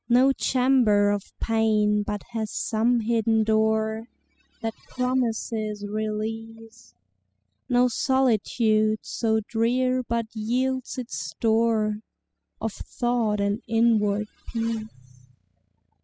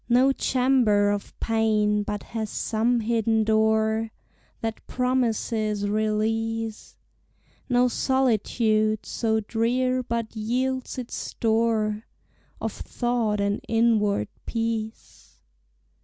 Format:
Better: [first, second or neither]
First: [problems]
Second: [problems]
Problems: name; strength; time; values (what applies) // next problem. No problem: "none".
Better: second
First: noise reduction (classical method spectral subtraction)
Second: none